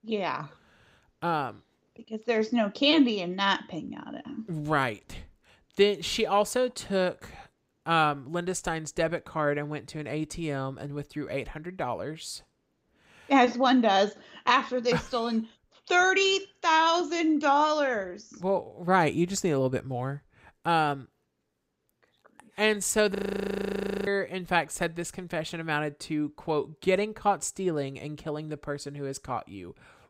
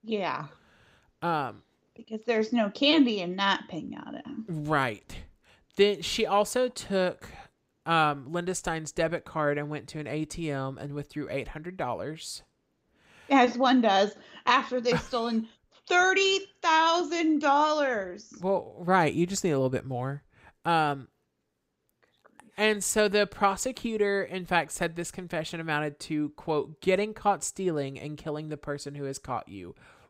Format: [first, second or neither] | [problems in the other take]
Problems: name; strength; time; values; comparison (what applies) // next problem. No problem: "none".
second | audio freezing; at 23 s for 1 s